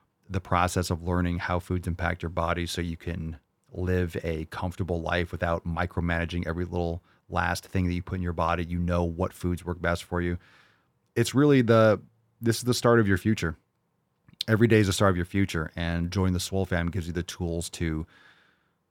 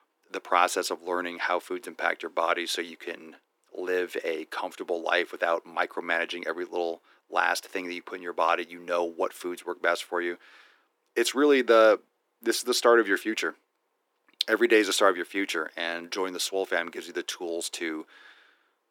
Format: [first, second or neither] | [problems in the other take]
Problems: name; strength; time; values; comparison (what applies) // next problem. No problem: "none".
first | thin; very; fading below 300 Hz